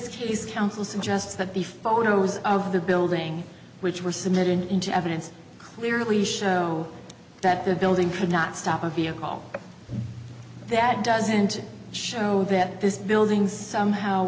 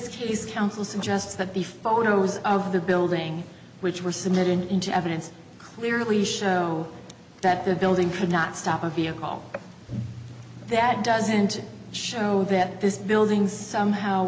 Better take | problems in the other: first | background sound (Burping, eructation); 18 dB below the speech

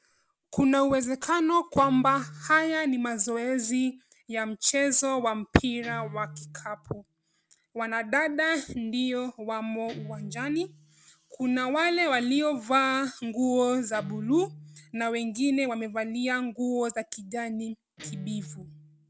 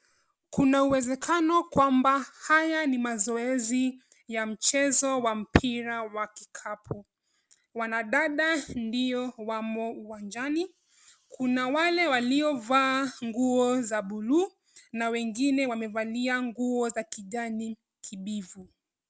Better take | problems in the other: second | background sound (Guitar); 20 dB below the speech

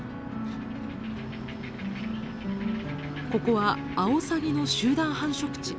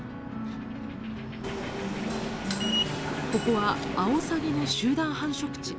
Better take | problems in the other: first | background sound (Subway, metro, underground); 3 dB below the speech

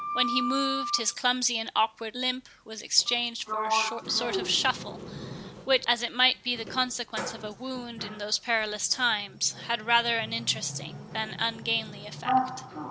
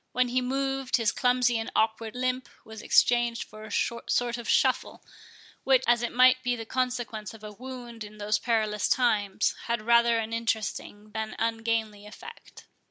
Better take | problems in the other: second | background sound (Sliding door); 6 dB below the speech

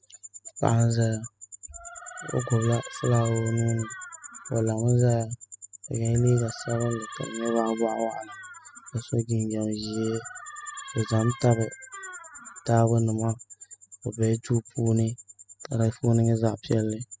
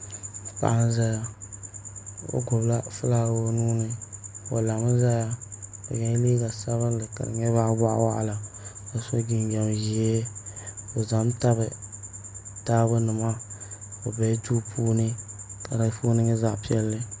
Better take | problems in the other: second | noise reduction (classical method spectral subtraction)

